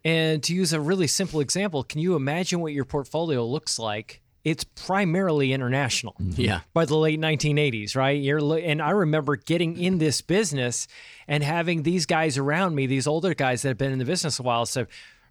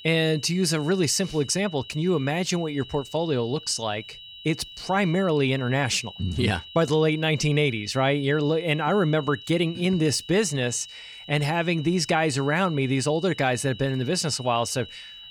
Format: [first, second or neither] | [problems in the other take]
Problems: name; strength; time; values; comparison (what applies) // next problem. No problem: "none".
first | high-pitched whine; noticeable; throughout; 3 kHz, 15 dB below the speech